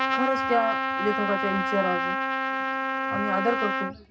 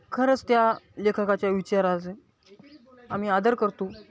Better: second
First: background sound (Trumpet); 2 dB above the speech // room echo; dies away in 0.4 s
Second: none

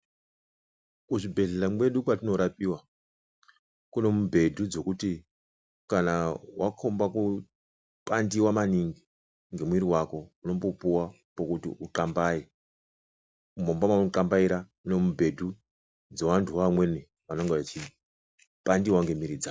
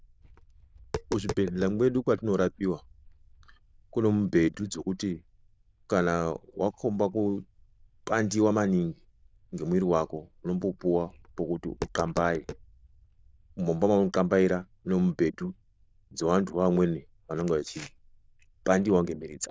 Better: first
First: none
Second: noise reduction (neural diffusion model UNIVERSE++)

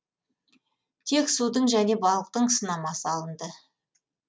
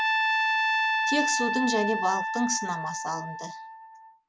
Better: first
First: none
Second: background sound (Trumpet); 3 dB above the speech

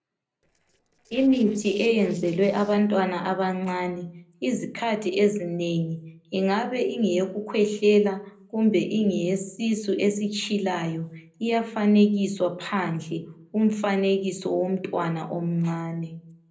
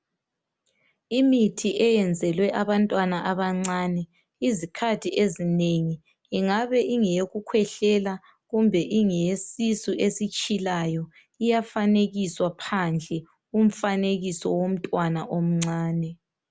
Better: second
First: noise reduction (neural separator model SepFormer DNS4)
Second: none

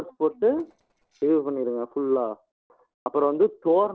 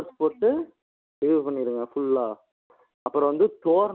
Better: second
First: noise reduction (neural separator model SepFormer DNS4)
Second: none

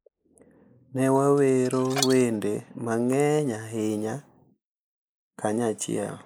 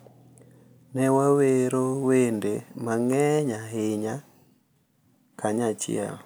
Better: second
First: noise reduction (neural mask model Resemble Enhance denoiser)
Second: none

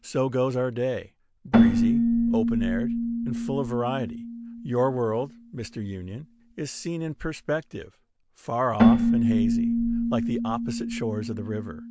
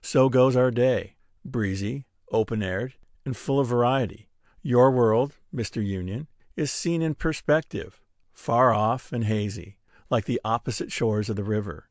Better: second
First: background sound (Keyboard (musical)); 4 dB above the speech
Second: none

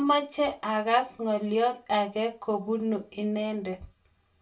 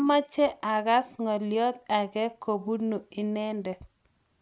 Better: second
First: room echo; dies away in 0.2 s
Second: none

